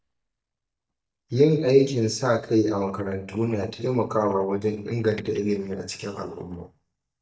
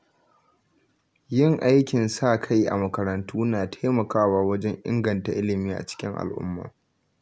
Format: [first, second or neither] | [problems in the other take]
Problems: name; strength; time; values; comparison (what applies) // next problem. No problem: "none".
second | noise reduction (neural mask model DeepFilterNet 3)